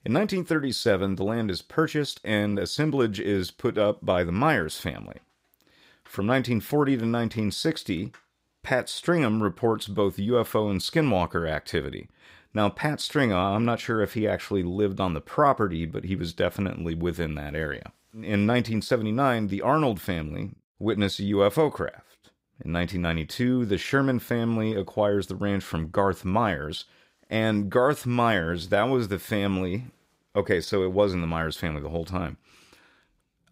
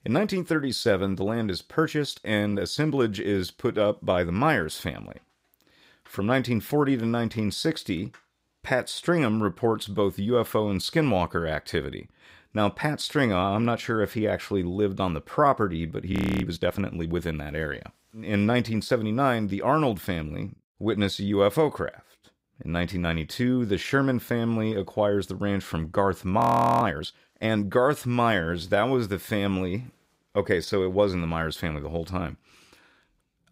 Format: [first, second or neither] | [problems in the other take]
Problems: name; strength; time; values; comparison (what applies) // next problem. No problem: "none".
first | audio freezing; at 16 s and at 26 s